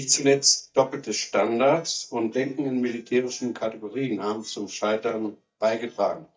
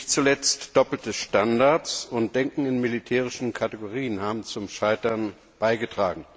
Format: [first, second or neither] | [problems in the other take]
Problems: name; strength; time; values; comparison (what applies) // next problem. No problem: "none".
second | noise reduction (neural mask model DeepFilterNet 3)